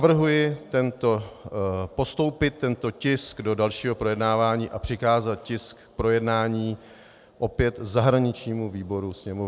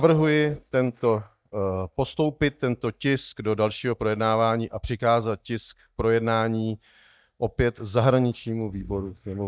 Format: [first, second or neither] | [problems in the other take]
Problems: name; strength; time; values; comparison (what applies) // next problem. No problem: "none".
first | noise reduction (neural mask model DeepFilterNet 3)